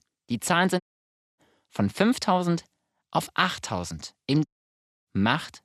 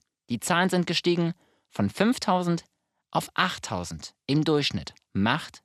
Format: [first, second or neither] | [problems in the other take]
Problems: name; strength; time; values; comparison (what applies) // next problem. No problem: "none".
second | audio cutting out; at 1 s for 0.5 s and at 4.5 s for 0.5 s